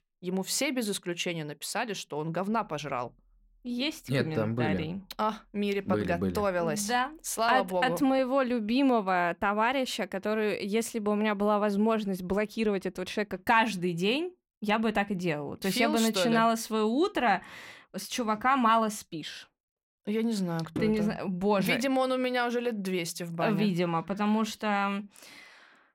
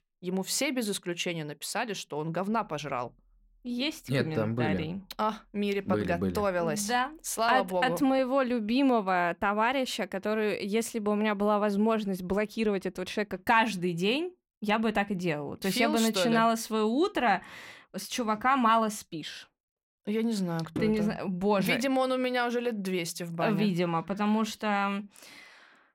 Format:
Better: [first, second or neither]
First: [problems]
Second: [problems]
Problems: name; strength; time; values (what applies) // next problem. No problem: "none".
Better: neither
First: none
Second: none